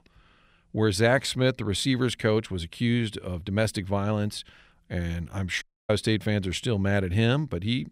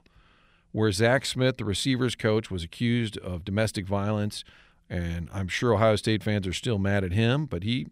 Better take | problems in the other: second | audio cutting out; at 5.5 s

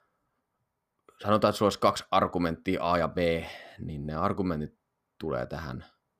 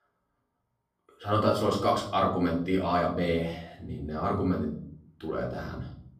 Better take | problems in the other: first | off-mic speech; far // room echo; noticeable; dies away in 0.6 s

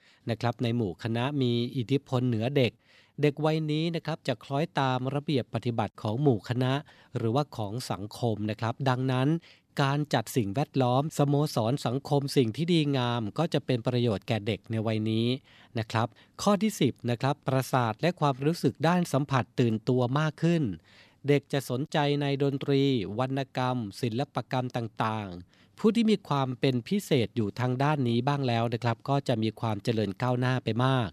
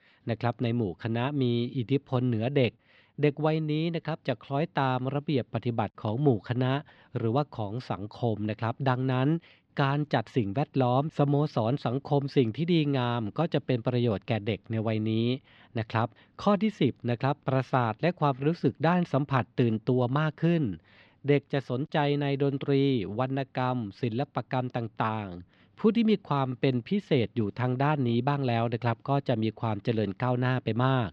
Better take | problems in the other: first | muffled; slightly; fading above 3.5 kHz

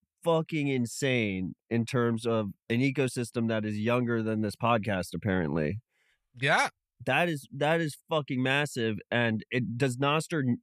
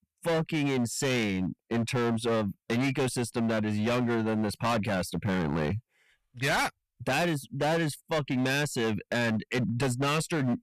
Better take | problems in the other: first | distortion; heavy; 20% of the sound clipped

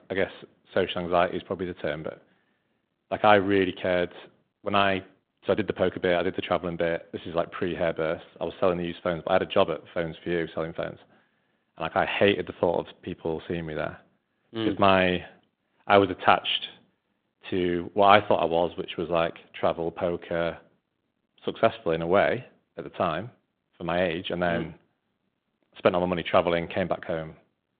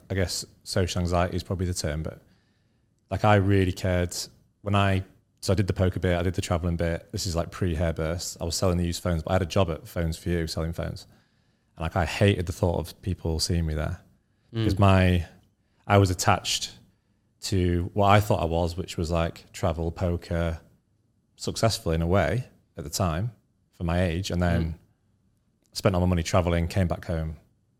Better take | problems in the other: second | phone-call audio

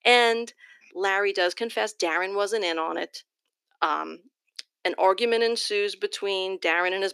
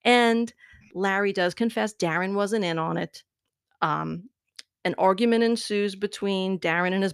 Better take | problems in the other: second | thin; very; fading below 300 Hz

